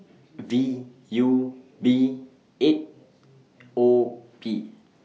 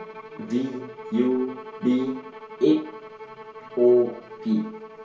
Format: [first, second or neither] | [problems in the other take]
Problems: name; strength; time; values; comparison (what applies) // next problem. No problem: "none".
first | background sound (Bowed string instrument); 15 dB below the speech // room echo; dies away in 0.2 s